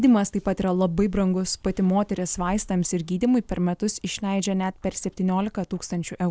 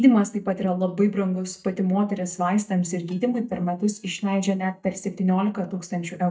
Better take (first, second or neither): first